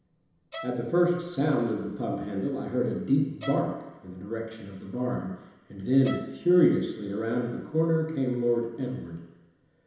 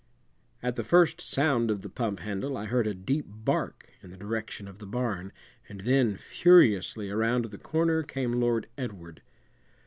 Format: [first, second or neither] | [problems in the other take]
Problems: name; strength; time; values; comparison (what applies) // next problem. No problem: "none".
second | background sound (Bowed string instrument); 18 dB below the speech // room echo; dies away in 1 s